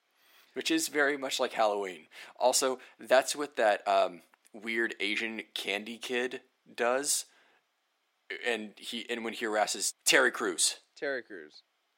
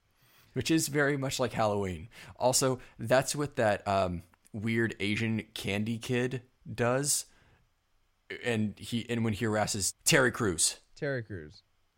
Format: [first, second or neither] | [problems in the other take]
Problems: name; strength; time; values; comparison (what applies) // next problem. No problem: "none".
second | thin; somewhat; fading below 300 Hz